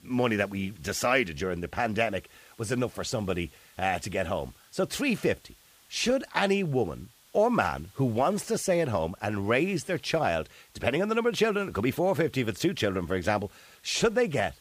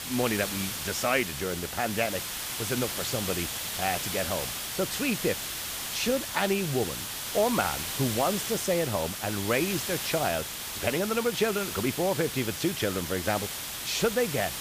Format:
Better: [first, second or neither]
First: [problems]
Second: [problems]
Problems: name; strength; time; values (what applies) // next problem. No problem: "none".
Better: first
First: hiss; faint; throughout; 30 dB below the speech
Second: hiss; loud; throughout; 3 dB below the speech